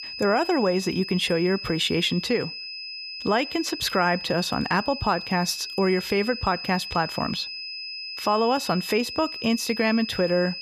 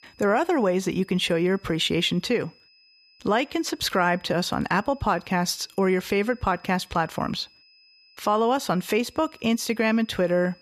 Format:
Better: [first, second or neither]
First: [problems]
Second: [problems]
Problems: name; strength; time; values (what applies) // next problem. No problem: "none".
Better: second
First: high-pitched whine; loud; throughout; 5 kHz, 8 dB below the speech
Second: high-pitched whine; faint; throughout; 5 kHz, 30 dB below the speech